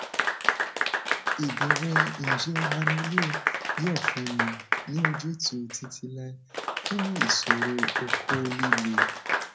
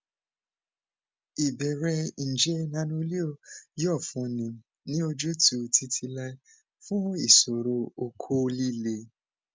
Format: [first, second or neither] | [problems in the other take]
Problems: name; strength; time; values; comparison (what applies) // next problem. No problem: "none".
second | background sound (Applause / Clapping); 3 dB above the speech // room echo; dies away in 0.4 s